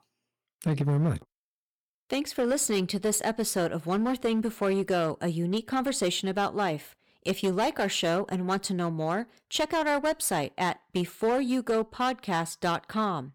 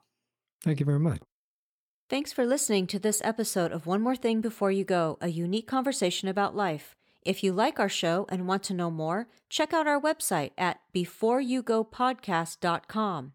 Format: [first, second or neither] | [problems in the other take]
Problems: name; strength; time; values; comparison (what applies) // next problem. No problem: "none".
second | distortion; slight; 8% of the sound clipped